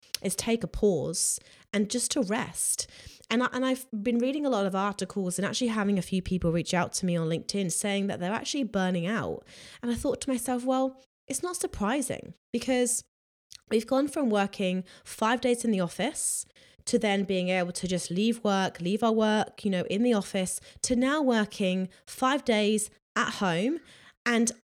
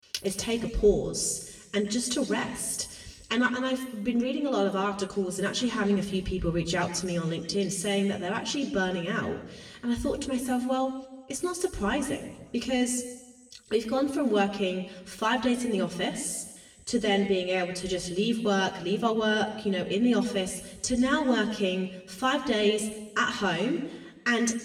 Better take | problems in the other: first | room echo; slight; dies away in 1.1 s // off-mic speech; far

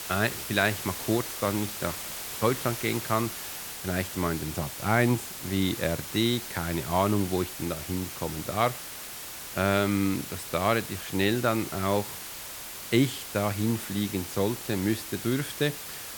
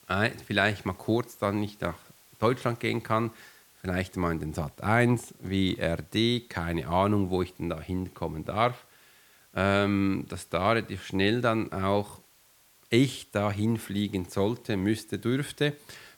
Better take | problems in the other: second | hiss; loud; throughout; 7 dB below the speech; faint in the second

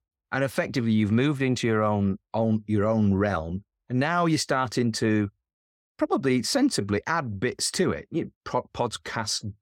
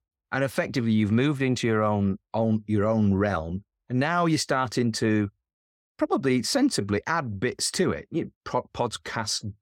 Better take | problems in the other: neither | none

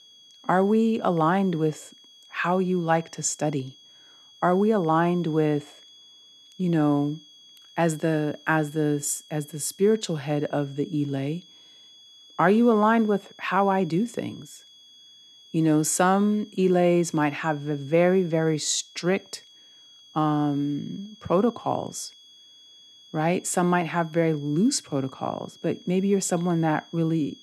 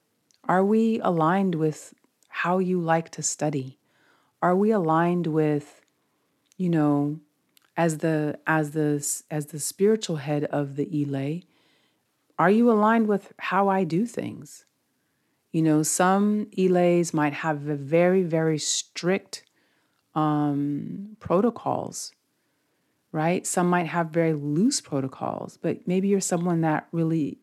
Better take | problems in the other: second | high-pitched whine; faint; throughout; 3.5 kHz, 25 dB below the speech

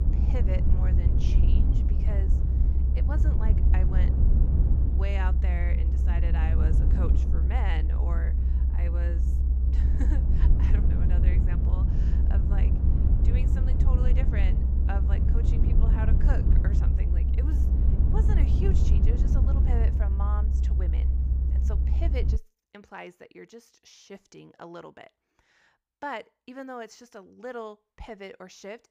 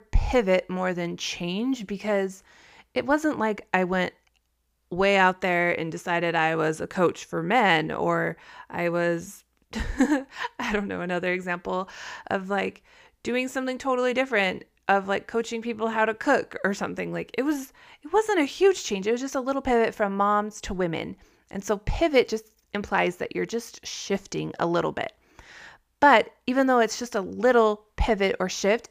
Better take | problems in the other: second | low rumble; loud; until 22 s; as loud as the speech

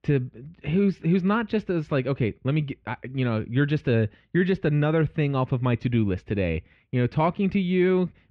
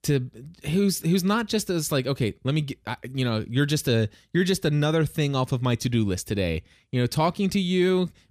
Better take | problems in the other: second | muffled; very; fading above 2.5 kHz

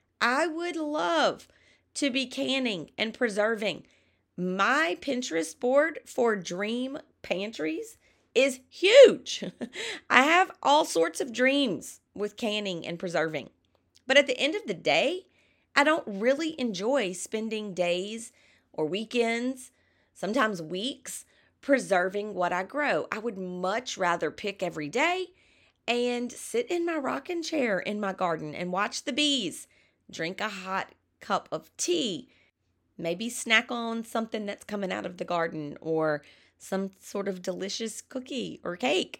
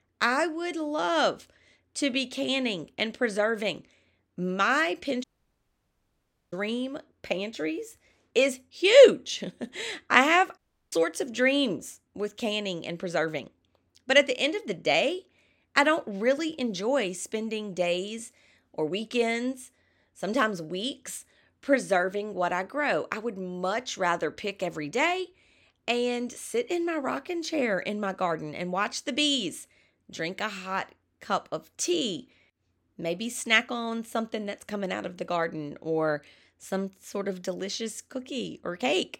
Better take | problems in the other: first | audio cutting out; at 5 s for 1.5 s and at 11 s

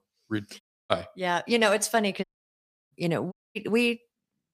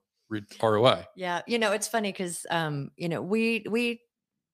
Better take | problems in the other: second | audio cutting out; at 0.5 s, at 2 s for 0.5 s and at 3.5 s

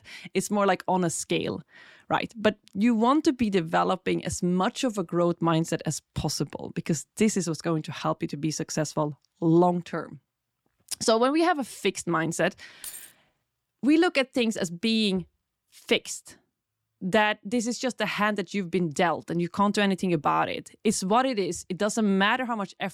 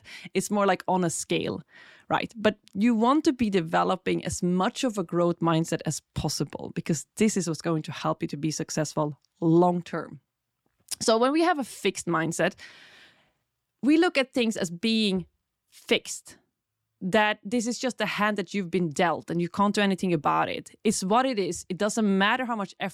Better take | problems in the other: second | jangling keys; faint; at 13 s; peak 15 dB below the speech

